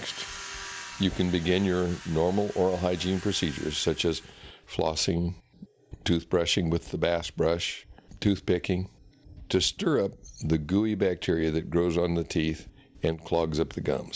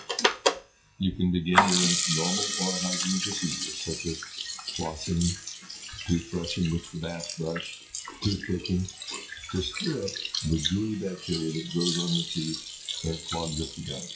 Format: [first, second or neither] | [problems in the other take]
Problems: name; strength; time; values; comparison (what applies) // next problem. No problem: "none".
first | noise reduction (classical method WPE with log-MMSE)